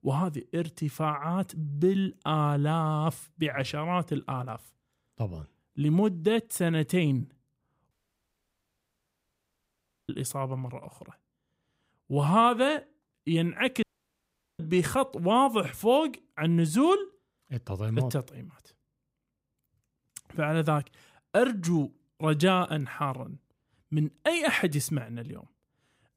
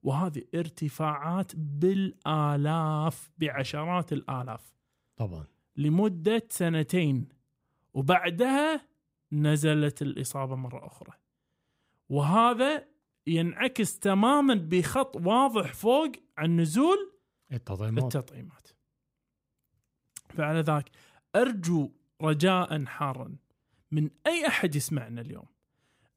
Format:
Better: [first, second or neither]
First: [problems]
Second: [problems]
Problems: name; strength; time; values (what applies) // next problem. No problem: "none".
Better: second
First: audio cutting out; at 8 s for 2 s and at 14 s for 1 s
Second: none